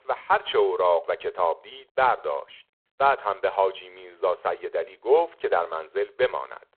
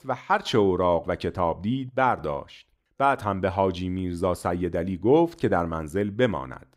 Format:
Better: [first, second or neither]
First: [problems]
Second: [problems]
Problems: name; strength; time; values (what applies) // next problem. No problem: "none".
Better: second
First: phone-call audio; poor line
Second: none